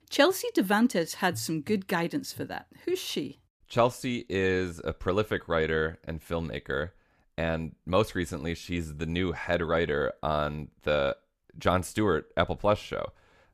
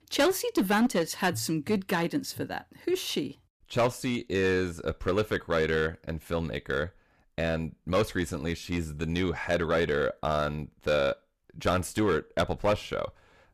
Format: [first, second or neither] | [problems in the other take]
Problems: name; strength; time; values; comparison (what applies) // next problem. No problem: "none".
first | distortion; slight; 4% of the sound clipped